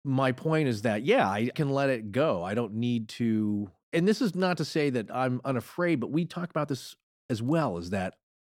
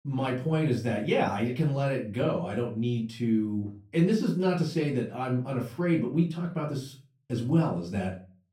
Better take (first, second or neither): first